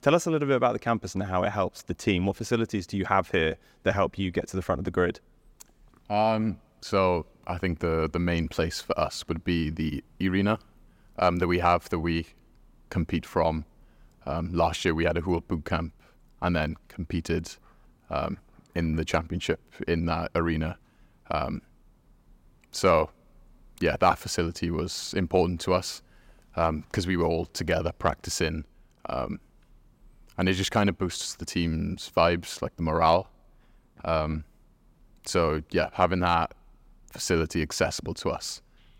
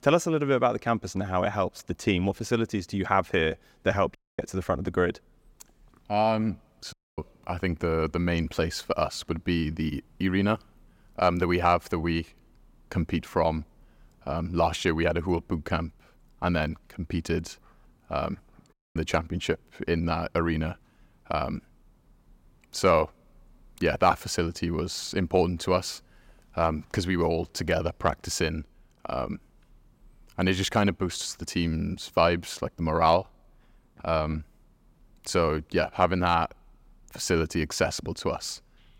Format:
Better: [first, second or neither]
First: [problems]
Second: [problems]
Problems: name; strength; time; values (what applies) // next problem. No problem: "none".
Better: first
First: none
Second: audio cutting out; at 4 s, at 7 s and at 19 s